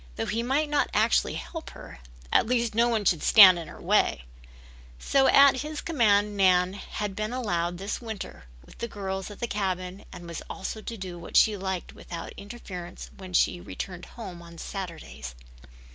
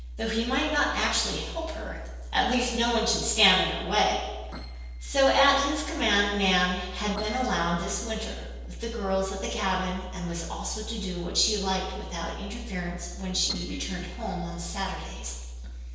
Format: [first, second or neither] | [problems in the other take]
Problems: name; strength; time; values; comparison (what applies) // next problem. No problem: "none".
first | noise reduction (neural separator model SepFormer DNS4)